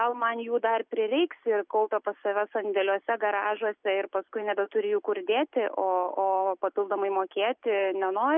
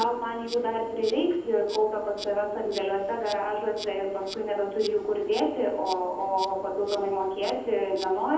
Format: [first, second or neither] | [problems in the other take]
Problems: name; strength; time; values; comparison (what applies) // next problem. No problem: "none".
first | background sound (Insect); 16 dB below the speech // room echo; dies away in 1 s